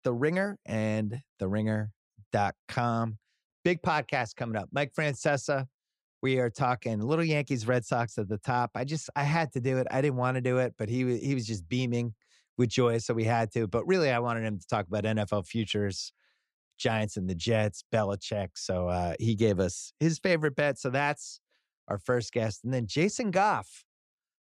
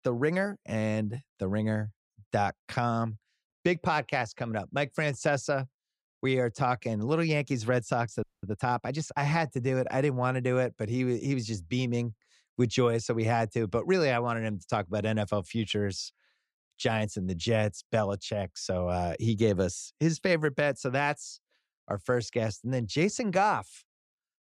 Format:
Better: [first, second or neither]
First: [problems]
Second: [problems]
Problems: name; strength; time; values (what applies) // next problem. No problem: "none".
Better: first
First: none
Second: audio freezing; at 8 s